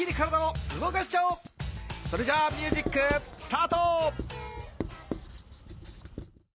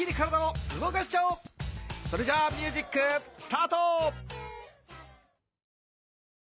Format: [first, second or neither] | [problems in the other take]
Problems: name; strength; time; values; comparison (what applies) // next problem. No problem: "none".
second | background sound (Writing); 8 dB below the speech